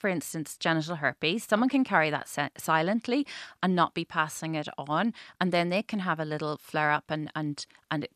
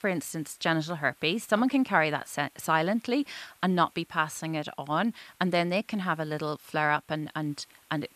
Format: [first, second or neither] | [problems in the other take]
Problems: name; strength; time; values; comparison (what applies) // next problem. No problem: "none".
first | hiss; faint; throughout; 30 dB below the speech